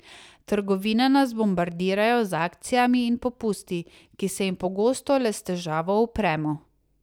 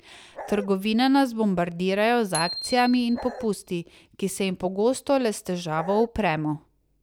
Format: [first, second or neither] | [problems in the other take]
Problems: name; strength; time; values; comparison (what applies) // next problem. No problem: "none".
first | background sound (Bicycle bell + Bark); 13 dB below the speech